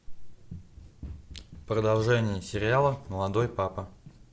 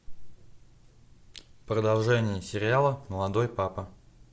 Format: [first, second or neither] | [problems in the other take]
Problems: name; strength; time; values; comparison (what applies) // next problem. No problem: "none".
second | background sound (Run); 17 dB below the speech